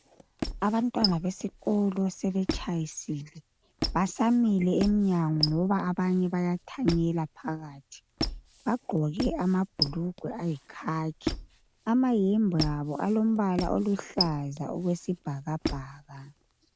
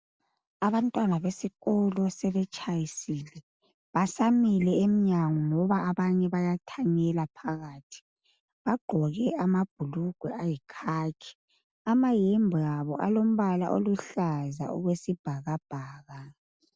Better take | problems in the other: second | background sound (Squeak); 9 dB below the speech

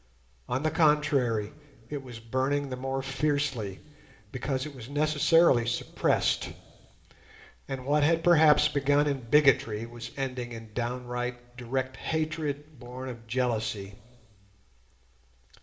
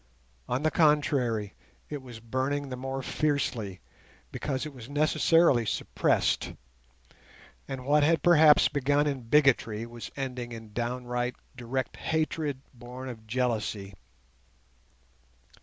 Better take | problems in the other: second | room echo; dies away in 2.2 s

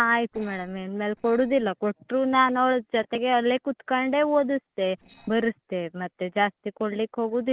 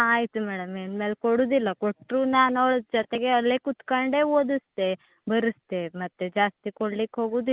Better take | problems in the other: second | noise reduction (neural separator model SepFormer DNS4)

